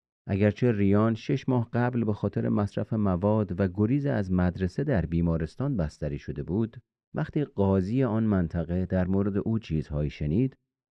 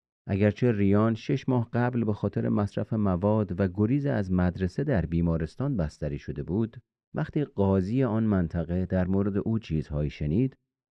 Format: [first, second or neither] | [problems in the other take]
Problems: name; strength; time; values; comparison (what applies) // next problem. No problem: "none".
neither | muffled; very; fading above 2 kHz; the same in both